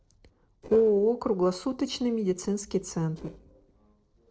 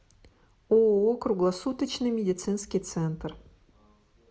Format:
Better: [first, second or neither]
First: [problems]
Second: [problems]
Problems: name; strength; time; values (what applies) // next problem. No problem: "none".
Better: second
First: noise reduction (neural separator model SepFormer DNS4)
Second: none